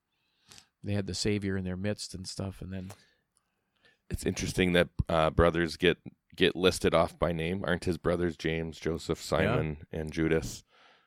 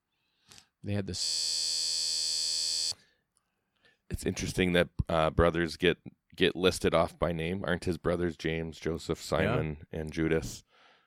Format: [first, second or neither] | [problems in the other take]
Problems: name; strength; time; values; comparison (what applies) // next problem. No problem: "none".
first | audio freezing; at 1 s for 1.5 s